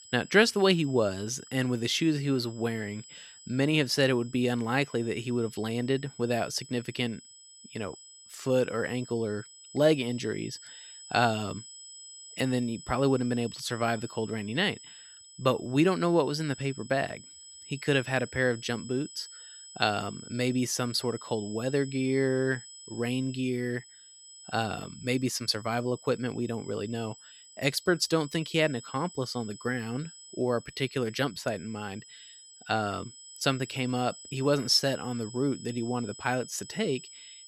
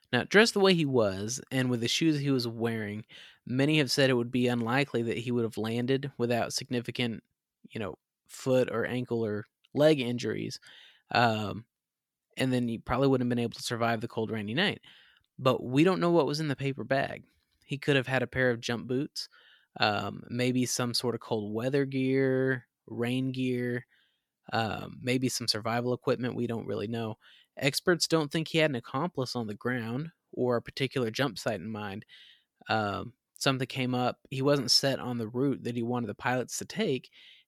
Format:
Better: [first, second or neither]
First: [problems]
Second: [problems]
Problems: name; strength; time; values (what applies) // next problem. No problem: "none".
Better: second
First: high-pitched whine; noticeable; throughout; 8 kHz, 15 dB below the speech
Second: none